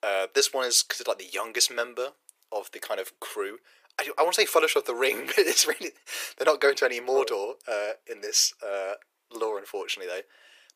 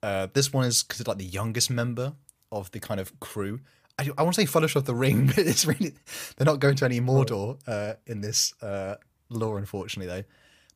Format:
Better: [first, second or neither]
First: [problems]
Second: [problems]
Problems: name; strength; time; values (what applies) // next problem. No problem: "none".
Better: second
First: thin; very; fading below 350 Hz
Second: none